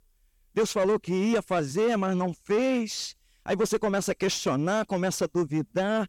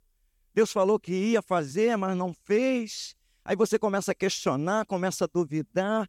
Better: second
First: distortion; slight; 10 dB below the speech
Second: none

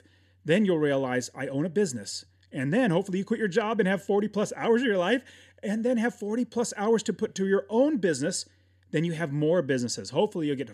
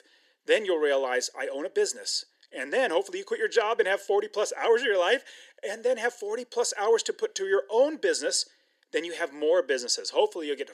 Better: first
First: none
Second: thin; very; fading below 400 Hz

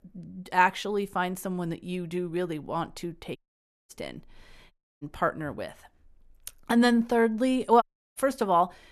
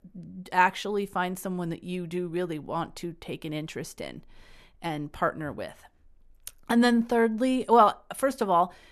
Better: second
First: audio cutting out; at 3.5 s for 0.5 s, at 4.5 s and at 8 s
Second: none

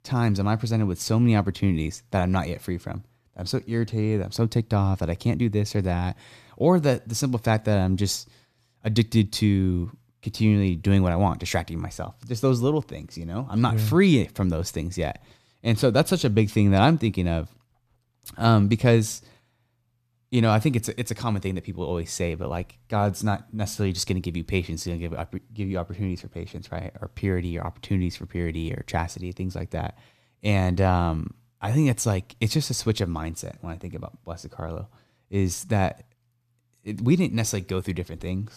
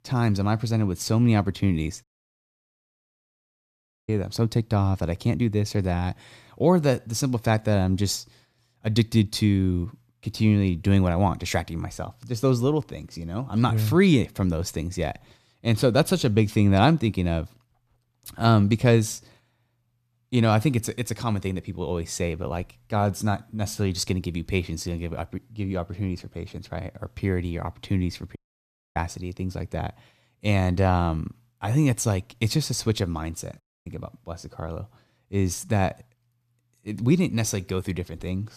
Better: first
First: none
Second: audio cutting out; at 2 s for 2 s, at 28 s for 0.5 s and at 34 s

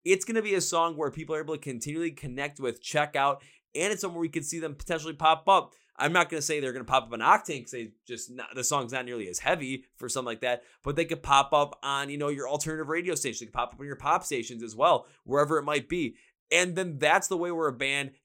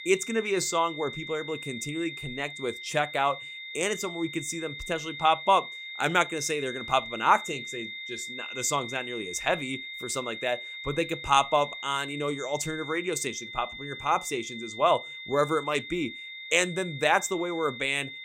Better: first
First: none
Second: high-pitched whine; loud; throughout; 2 kHz, 9 dB below the speech

